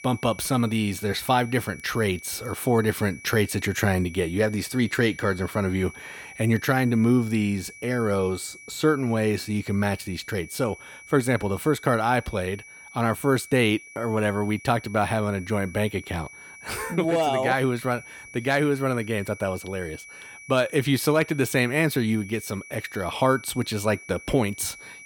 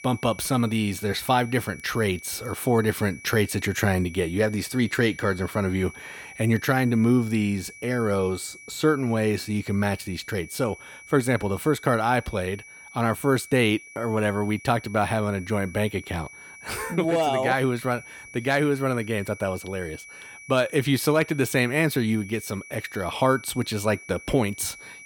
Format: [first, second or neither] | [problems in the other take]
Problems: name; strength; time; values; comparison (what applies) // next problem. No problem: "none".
neither | high-pitched whine; noticeable; throughout; 2.5 kHz, 20 dB below the speech; the same in both